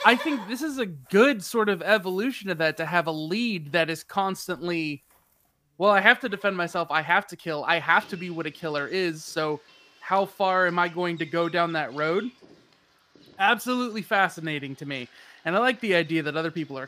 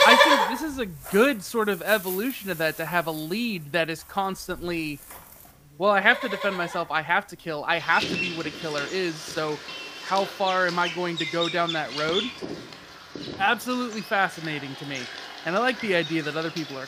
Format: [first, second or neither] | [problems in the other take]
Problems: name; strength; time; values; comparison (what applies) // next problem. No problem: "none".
first | animal sounds; loud; throughout; 4 dB below the speech; faint in the first